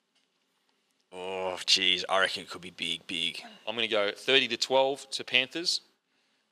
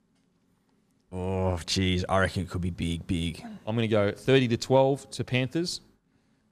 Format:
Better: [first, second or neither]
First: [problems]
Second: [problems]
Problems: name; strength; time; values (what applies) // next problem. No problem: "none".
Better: second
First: thin; somewhat; fading below 450 Hz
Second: none